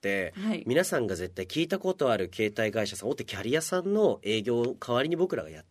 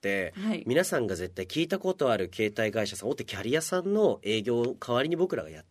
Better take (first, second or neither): neither